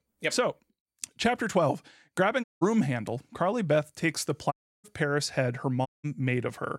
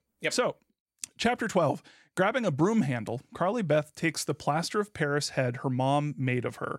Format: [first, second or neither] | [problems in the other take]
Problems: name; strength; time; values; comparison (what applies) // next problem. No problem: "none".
second | audio cutting out; at 2.5 s, at 4.5 s and at 6 s